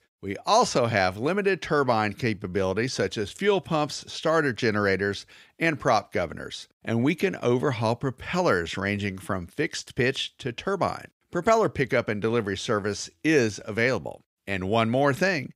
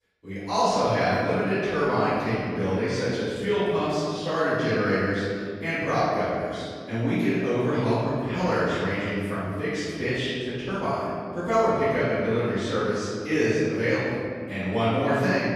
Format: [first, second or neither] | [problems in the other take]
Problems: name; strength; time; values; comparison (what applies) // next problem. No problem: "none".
first | off-mic speech; far // room echo; strong; dies away in 2 s